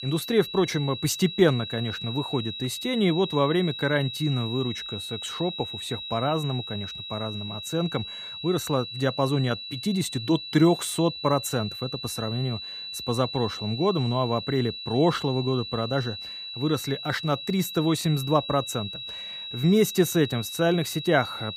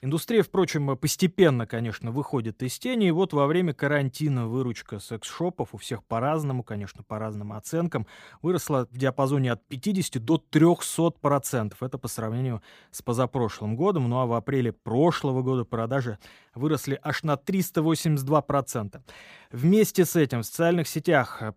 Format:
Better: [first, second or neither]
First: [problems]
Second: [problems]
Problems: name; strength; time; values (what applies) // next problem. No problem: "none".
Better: second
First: high-pitched whine; loud; throughout; 4 kHz, 8 dB below the speech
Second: none